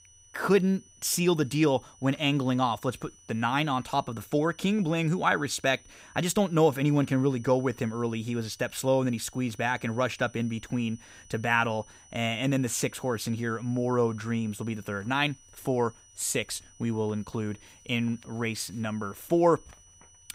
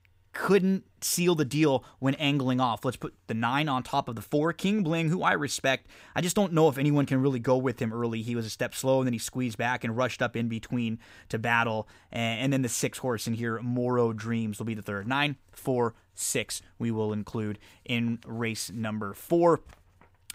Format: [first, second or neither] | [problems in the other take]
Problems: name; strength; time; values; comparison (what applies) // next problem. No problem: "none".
second | high-pitched whine; faint; throughout; 6 kHz, 25 dB below the speech